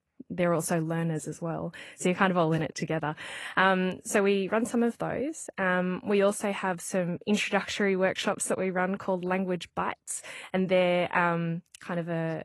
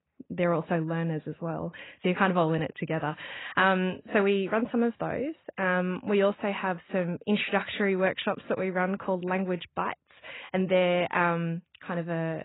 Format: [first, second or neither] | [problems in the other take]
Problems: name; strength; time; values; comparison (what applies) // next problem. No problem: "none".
first | garbled, watery; badly; nothing above 4 kHz; slightly in the first